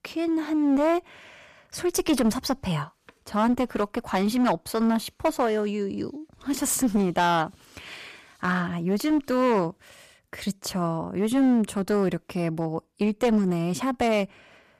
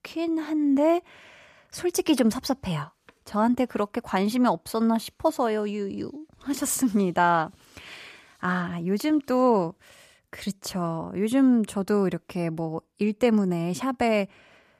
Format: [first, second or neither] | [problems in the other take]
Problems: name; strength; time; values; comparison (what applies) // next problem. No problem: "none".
second | distortion; slight; 8% of the sound clipped